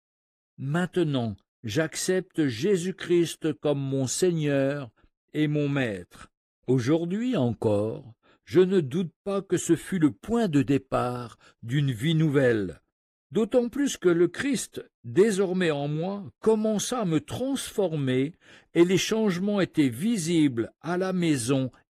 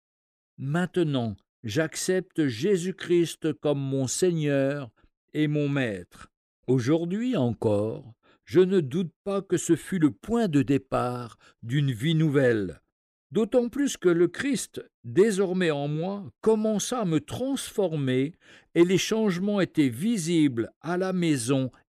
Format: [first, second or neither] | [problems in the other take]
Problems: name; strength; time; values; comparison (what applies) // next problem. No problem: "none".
second | garbled, watery; slightly; nothing above 15.5 kHz